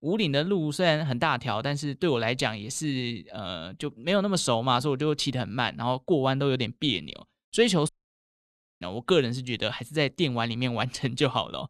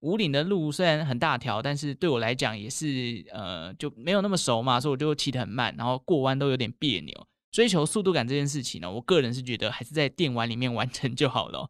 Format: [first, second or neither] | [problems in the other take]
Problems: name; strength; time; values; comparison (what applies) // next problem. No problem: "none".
second | audio cutting out; at 8 s for 1 s